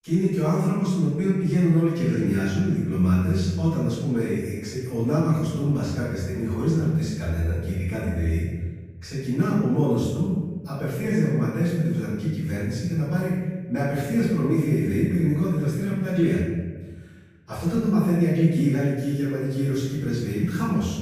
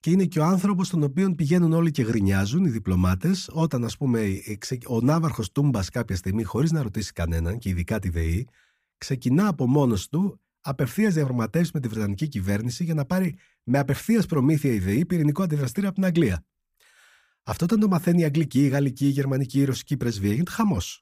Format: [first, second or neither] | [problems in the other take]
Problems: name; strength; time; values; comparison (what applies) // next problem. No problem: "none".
second | off-mic speech; far // room echo; strong; dies away in 1.2 s